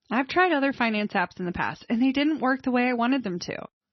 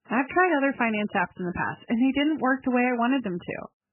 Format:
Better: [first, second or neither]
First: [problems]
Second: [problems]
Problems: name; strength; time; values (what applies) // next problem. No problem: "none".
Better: first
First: garbled, watery; slightly; nothing above 6 kHz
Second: garbled, watery; badly; nothing above 3 kHz